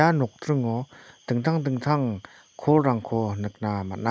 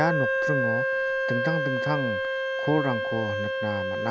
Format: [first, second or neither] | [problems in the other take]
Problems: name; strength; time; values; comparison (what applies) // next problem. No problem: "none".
first | background sound (Wind instrument, woodwind instrument); 2 dB above the speech